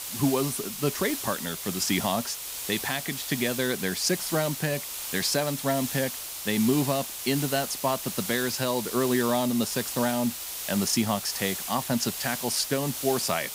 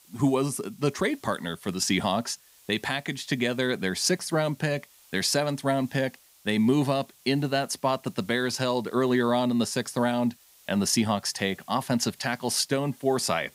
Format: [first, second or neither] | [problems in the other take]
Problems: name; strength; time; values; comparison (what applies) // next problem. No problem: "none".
second | hiss; loud; throughout; 4 dB below the speech; faint in the second